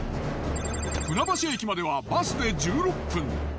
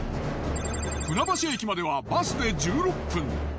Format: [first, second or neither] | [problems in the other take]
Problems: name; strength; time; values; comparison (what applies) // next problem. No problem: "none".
second | background sound (Tools); 17 dB below the speech